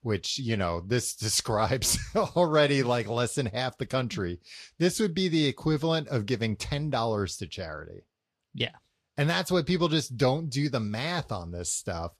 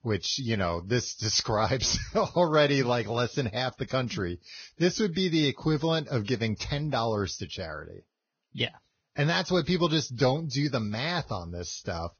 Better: first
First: garbled, watery; slightly; nothing above 13 kHz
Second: garbled, watery; badly; nothing above 6.5 kHz

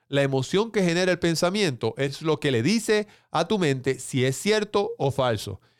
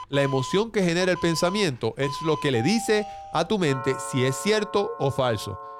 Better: first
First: none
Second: alarms or sirens; noticeable; throughout; 10 dB below the speech

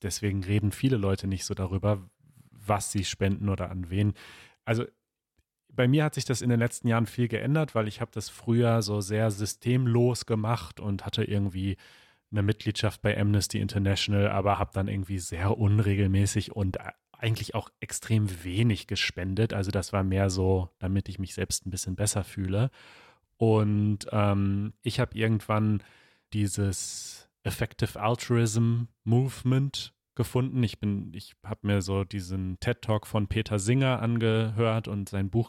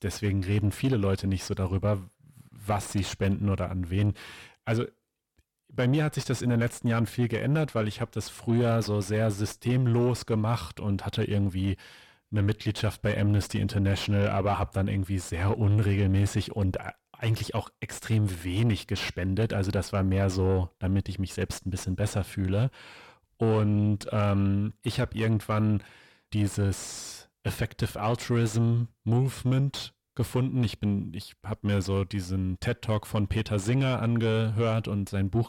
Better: first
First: none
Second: distortion; slight; 10 dB below the speech

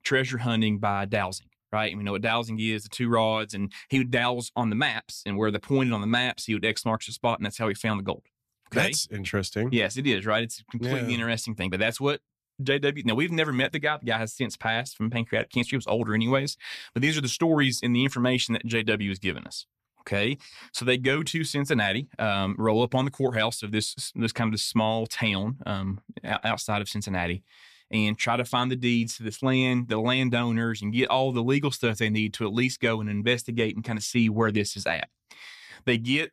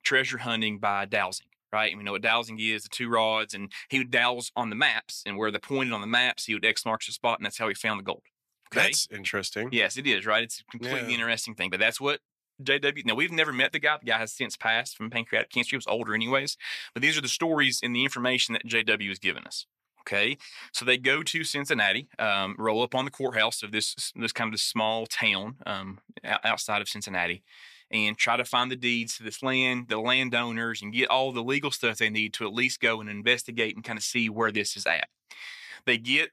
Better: first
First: none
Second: thin; somewhat; fading below 550 Hz

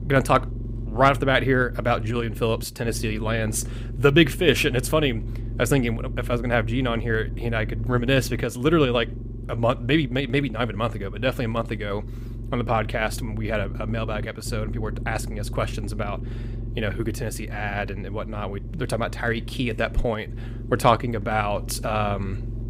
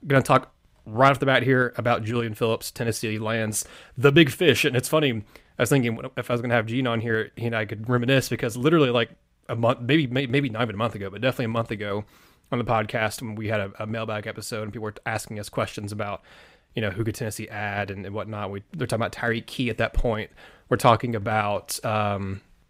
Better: second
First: low rumble; noticeable; throughout; 20 dB below the speech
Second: none

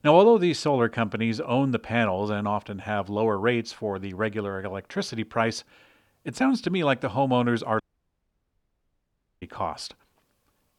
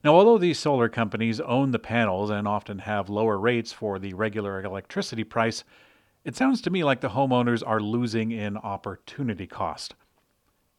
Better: second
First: audio cutting out; at 8 s for 1.5 s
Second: none

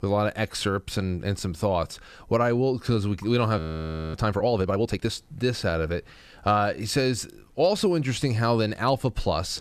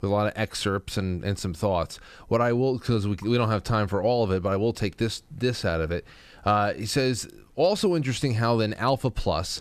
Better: second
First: audio freezing; at 3.5 s for 0.5 s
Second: none

